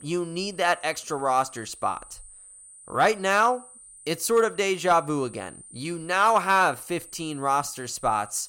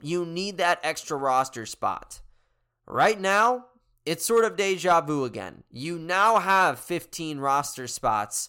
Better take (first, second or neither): second